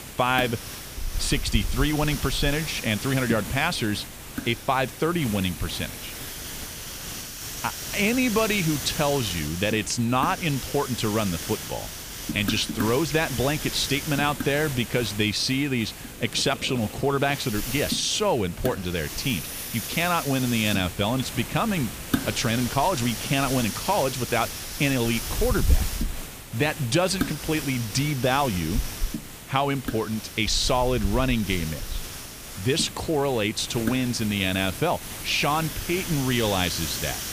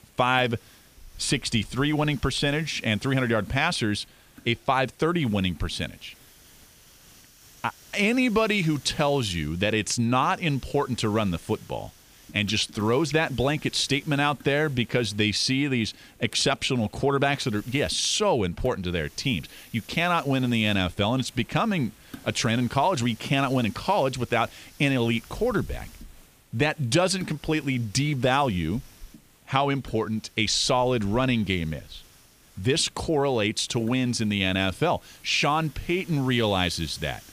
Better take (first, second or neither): second